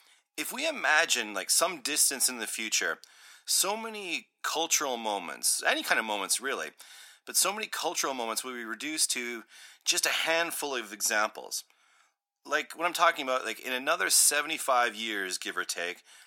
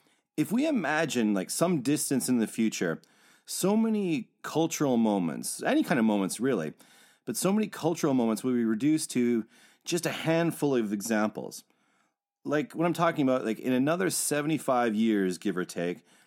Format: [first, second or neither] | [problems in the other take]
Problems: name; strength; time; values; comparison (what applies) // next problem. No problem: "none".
second | thin; very; fading below 1 kHz